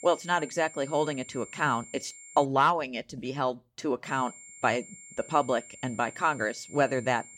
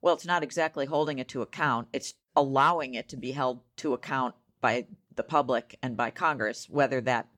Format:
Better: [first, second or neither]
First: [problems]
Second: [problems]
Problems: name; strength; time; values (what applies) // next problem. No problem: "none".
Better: second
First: high-pitched whine; noticeable; until 2.5 s and from 4 s on; 7.5 kHz, 15 dB below the speech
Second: none